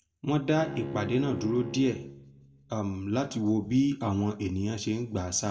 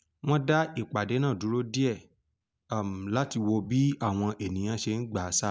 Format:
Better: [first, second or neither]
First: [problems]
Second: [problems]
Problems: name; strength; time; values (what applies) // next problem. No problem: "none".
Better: second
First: background sound (Bowed string instrument); 10 dB below the speech // room echo; dies away in 0.7 s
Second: none